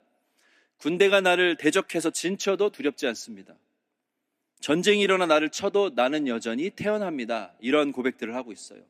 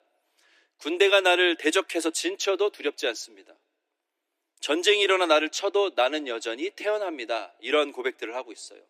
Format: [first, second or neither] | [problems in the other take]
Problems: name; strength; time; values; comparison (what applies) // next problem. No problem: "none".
first | thin; somewhat; fading below 300 Hz